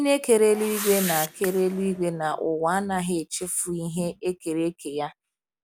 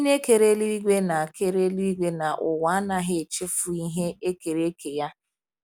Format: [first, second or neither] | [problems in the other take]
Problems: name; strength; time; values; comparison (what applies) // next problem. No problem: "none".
second | background sound (Whoosh, swoosh, swish); 11 dB below the speech